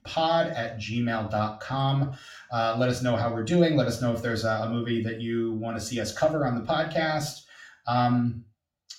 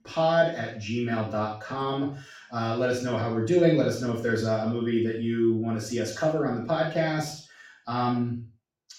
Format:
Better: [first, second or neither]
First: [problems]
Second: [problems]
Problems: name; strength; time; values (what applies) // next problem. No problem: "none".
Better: first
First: room echo; slight; dies away in 0.3 s // off-mic speech; far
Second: room echo; strong; dies away in 0.4 s // off-mic speech; far